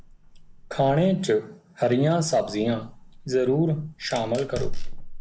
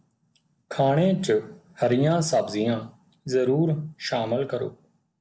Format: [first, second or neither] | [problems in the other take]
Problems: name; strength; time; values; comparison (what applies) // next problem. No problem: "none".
second | background sound (Fire); 9 dB below the speech